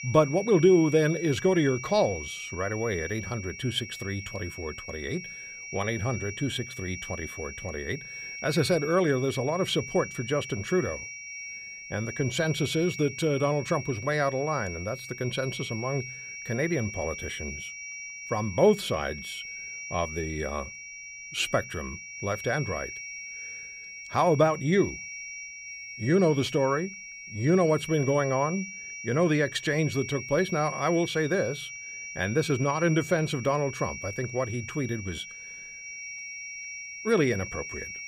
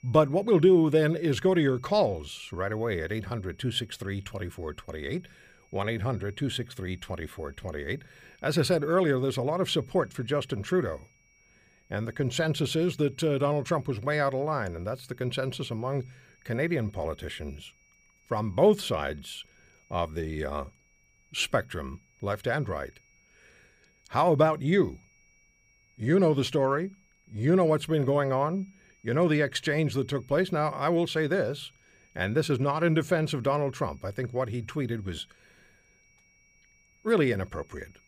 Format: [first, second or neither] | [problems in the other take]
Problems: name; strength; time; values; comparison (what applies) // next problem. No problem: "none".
second | high-pitched whine; loud; throughout; 2.5 kHz, 10 dB below the speech; faint in the second